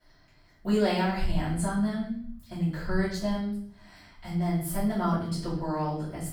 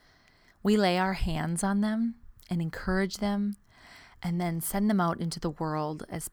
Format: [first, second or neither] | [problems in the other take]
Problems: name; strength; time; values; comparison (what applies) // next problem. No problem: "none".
second | room echo; noticeable; dies away in 0.7 s // off-mic speech; far